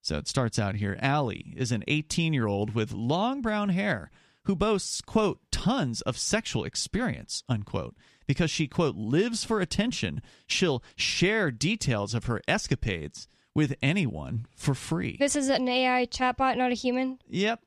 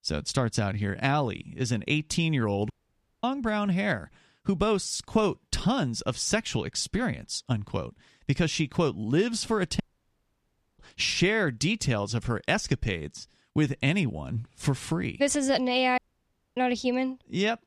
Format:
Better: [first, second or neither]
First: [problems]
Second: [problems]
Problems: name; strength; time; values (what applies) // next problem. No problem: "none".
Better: first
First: none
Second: audio cutting out; at 2.5 s for 0.5 s, at 10 s for 1 s and at 16 s for 0.5 s